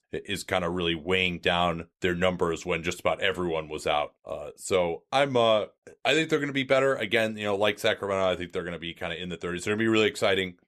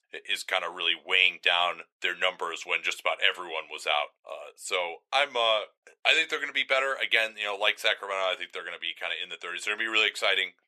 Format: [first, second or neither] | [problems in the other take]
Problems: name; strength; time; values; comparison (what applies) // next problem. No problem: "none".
first | thin; very; fading below 800 Hz